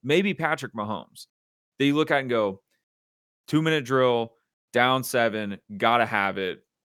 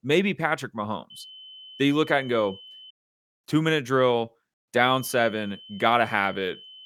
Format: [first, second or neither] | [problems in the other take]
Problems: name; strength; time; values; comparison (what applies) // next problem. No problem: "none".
first | high-pitched whine; noticeable; from 1 to 3 s and from 5 s on; 3 kHz, 20 dB below the speech